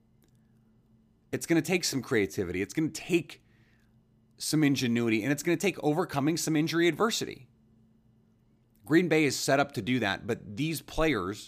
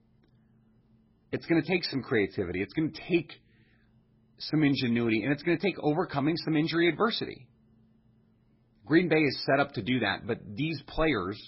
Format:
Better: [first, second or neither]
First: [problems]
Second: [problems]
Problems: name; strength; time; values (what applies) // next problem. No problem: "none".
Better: first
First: none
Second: garbled, watery; badly; nothing above 5.5 kHz